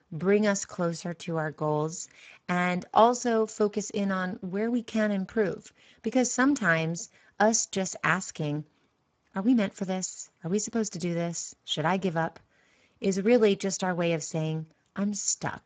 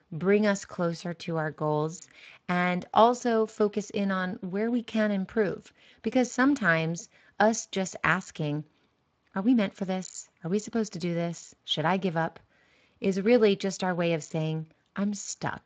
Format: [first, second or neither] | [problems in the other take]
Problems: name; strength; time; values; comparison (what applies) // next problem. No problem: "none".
second | garbled, watery; badly; nothing above 7.5 kHz; slightly in the second